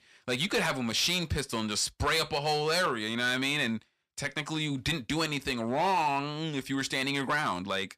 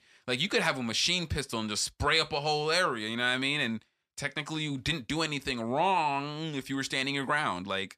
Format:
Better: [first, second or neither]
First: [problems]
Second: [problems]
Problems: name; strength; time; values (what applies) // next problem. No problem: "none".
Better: second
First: distortion; slight; 5% of the sound clipped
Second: none